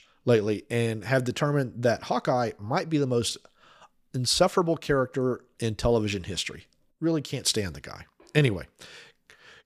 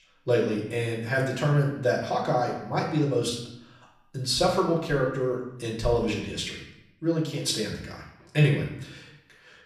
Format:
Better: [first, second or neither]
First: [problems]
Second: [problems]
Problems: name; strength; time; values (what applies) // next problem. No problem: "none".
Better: first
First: none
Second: off-mic speech; far // room echo; noticeable; dies away in 0.7 s